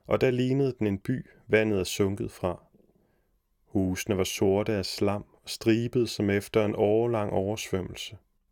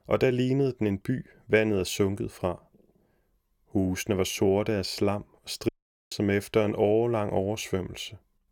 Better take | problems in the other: first | audio cutting out; at 5.5 s

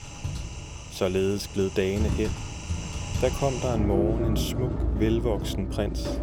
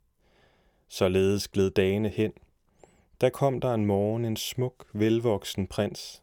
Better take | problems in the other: second | household noises; loud; throughout; 2 dB below the speech

